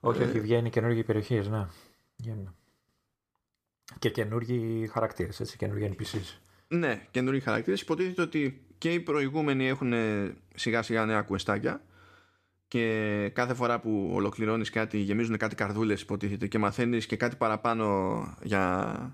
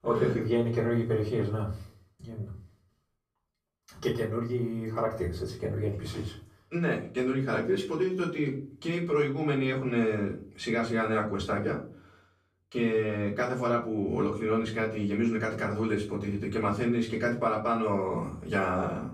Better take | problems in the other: first | room echo; slight; dies away in 0.4 s // off-mic speech; far

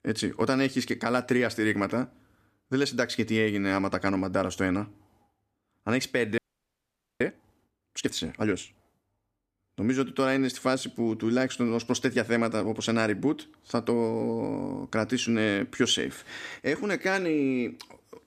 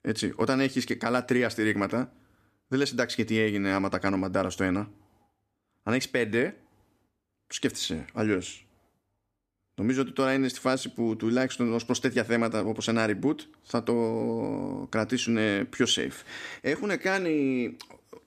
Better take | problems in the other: second | audio freezing; at 6.5 s for 1 s

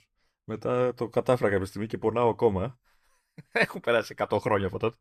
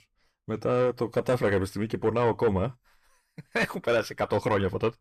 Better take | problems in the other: first | distortion; slight; 10 dB below the speech

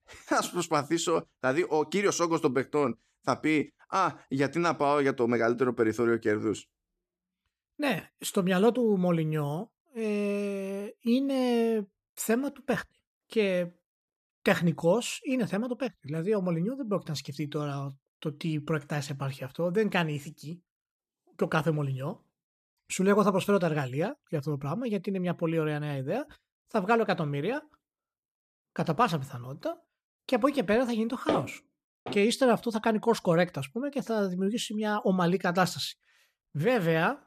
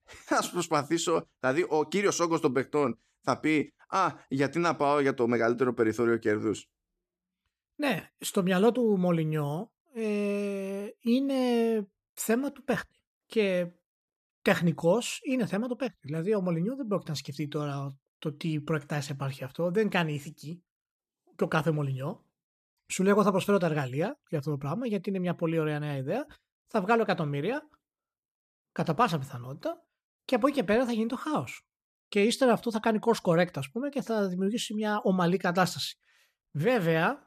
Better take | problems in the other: second | footsteps; noticeable; at 31 s; peak 3 dB below the speech

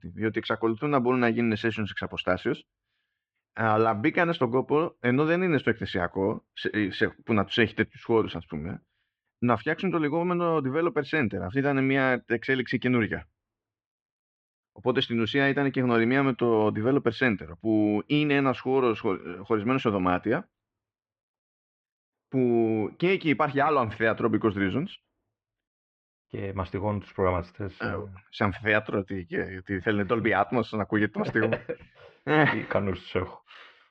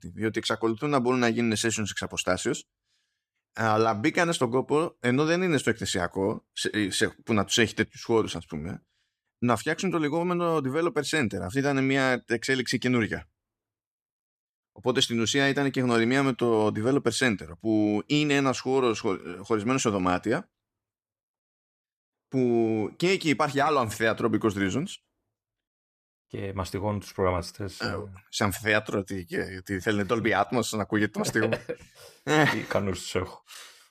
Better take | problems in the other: second | muffled; very; fading above 3 kHz

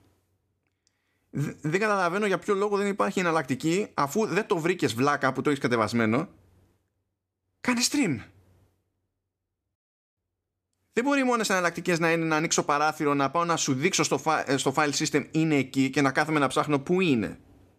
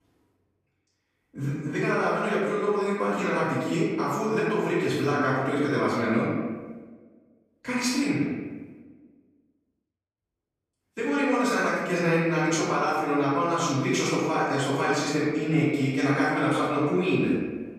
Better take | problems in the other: first | off-mic speech; far // room echo; strong; dies away in 1.3 s

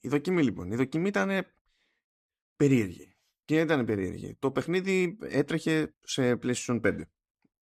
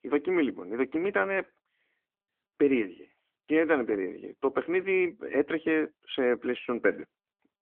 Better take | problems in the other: first | phone-call audio; nothing above 3.5 kHz

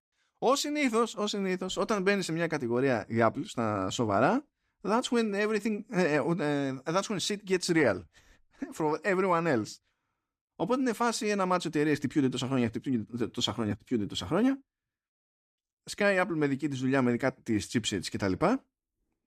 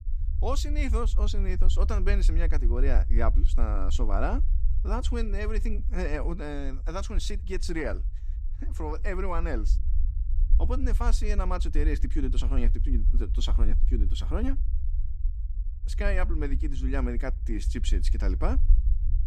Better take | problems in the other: first | low rumble; noticeable; throughout; 15 dB below the speech

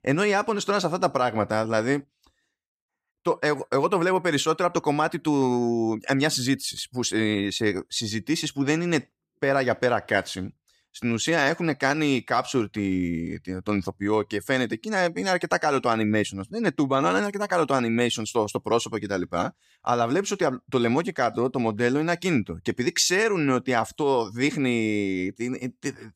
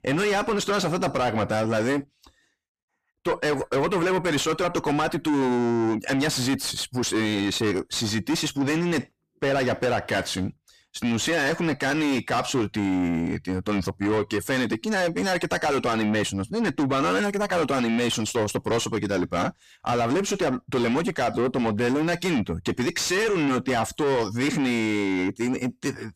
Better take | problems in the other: first | distortion; heavy; 6 dB below the speech

